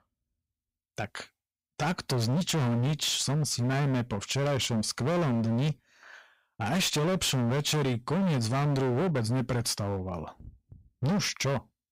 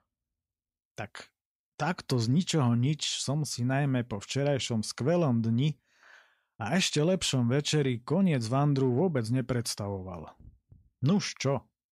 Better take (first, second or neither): second